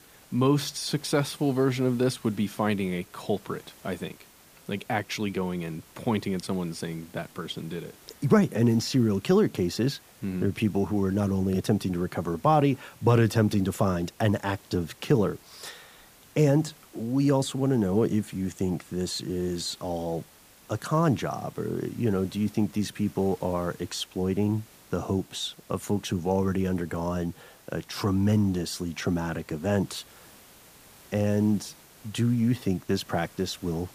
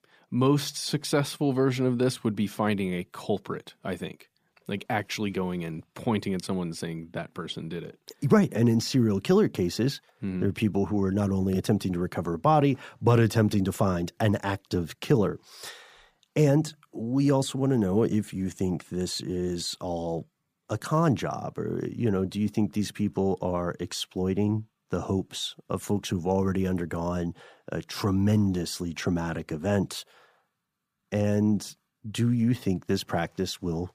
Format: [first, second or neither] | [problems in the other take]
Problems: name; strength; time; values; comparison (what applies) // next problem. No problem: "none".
second | hiss; faint; throughout; 25 dB below the speech